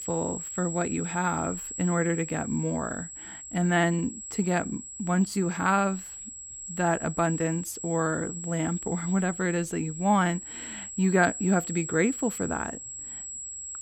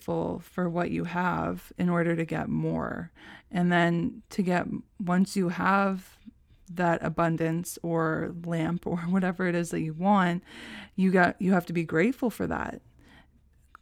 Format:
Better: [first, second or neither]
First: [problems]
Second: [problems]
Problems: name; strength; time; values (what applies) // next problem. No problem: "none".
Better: second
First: high-pitched whine; loud; throughout; 7.5 kHz, 8 dB below the speech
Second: none